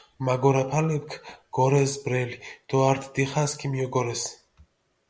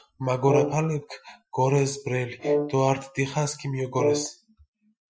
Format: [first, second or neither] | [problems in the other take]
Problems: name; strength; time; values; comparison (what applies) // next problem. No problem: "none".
first | noise reduction (classical method Wiener filter)